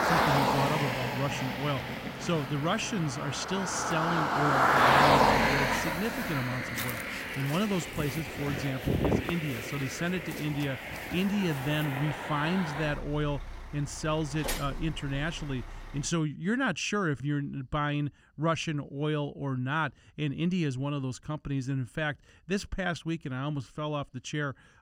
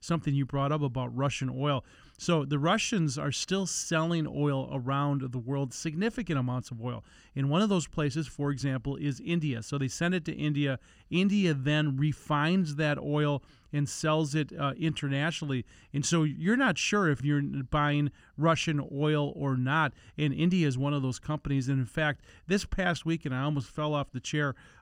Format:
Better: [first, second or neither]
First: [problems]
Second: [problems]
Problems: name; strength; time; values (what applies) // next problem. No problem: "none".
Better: second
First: traffic noise; very loud; until 16 s; 3 dB above the speech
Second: none